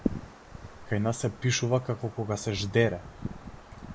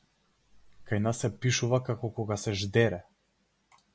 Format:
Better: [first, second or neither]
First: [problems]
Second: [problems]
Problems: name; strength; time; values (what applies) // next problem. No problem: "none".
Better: second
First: background sound (Wind); 9 dB below the speech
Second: none